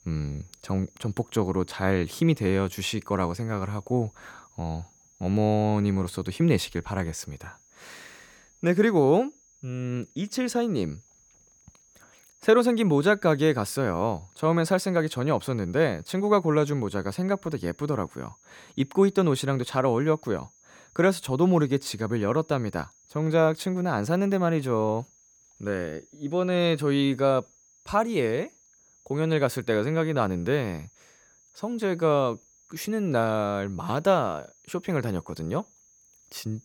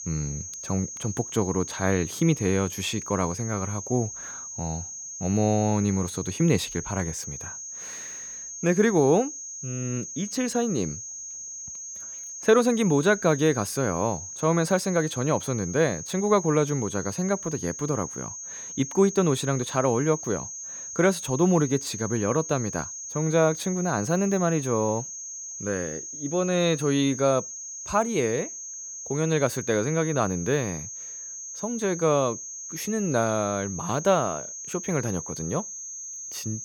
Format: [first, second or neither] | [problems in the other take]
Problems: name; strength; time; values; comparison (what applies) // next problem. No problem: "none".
first | high-pitched whine; loud; throughout; 6.5 kHz, 9 dB below the speech; faint in the first